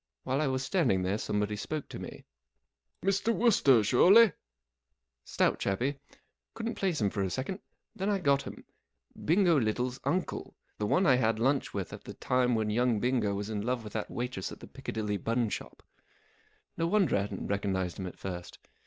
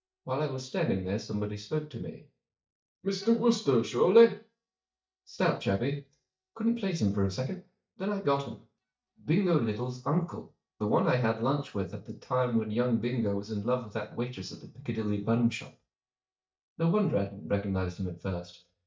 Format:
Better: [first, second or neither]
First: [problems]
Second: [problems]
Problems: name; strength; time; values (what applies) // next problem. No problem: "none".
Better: first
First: none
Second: noise reduction (neural mask model DeepFilterNet 3)